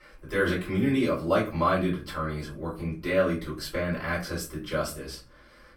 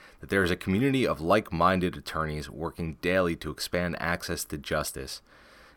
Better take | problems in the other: second | off-mic speech; far // room echo; slight; dies away in 0.3 s

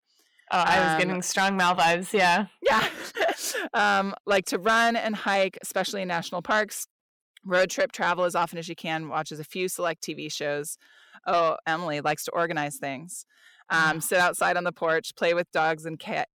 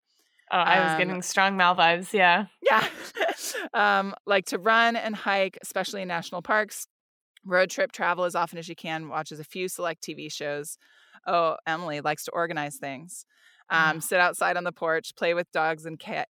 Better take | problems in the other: second | distortion; slight; 10 dB below the speech

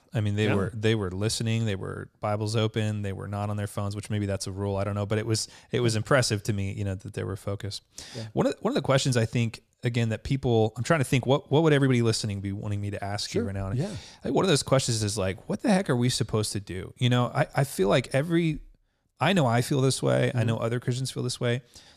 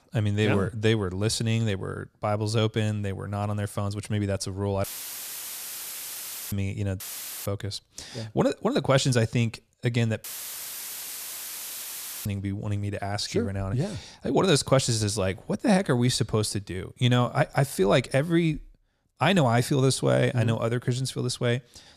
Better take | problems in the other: first | audio cutting out; filled with static; at 5 s for 1.5 s, at 7 s and at 10 s for 2 s

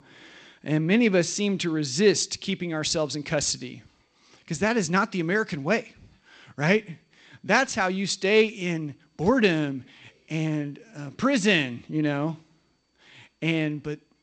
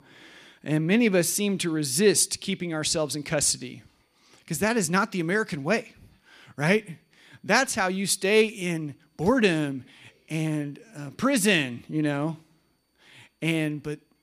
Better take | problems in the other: second | garbled, watery; slightly; nothing above 8 kHz

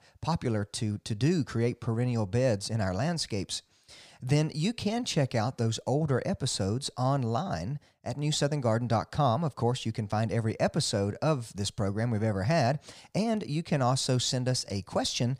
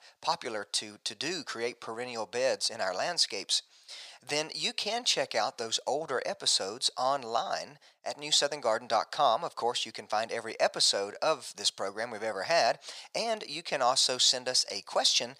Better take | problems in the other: first | thin; very; fading below 700 Hz

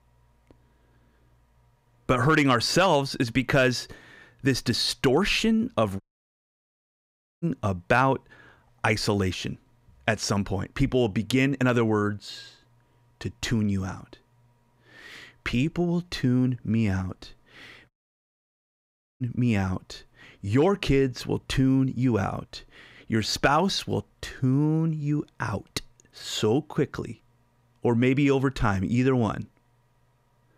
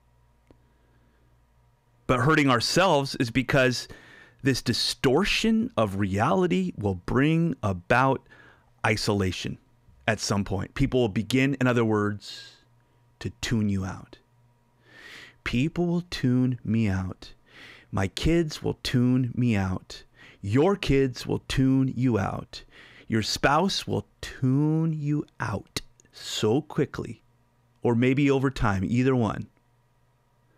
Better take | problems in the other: second | audio cutting out; at 6 s for 1.5 s and at 18 s for 1.5 s

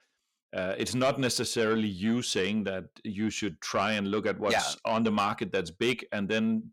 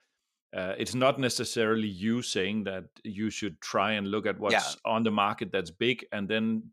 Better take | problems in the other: second | distortion; slight; 10 dB below the speech

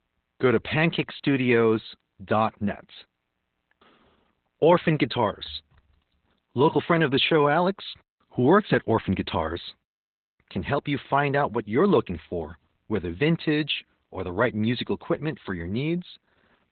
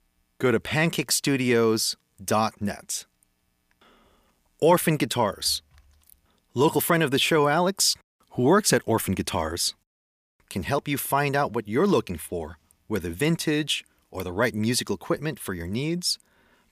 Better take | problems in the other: second | garbled, watery; badly; nothing above 4 kHz

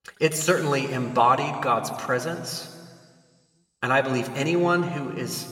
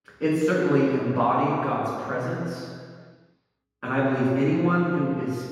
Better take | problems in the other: first | room echo; strong; dies away in 1.8 s; slight in the first // off-mic speech; far

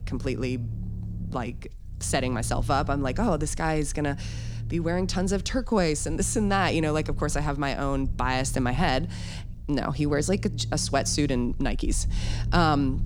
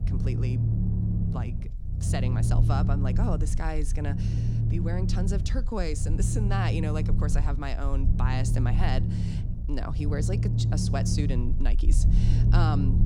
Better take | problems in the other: first | low rumble; loud; throughout; 4 dB below the speech; faint in the first

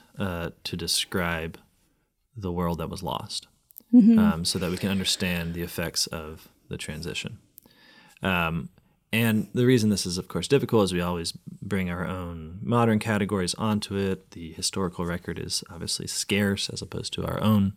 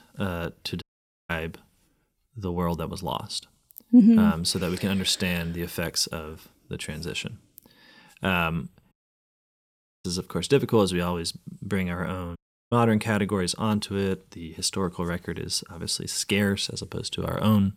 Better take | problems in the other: first | audio cutting out; at 1 s, at 9 s for 1 s and at 12 s

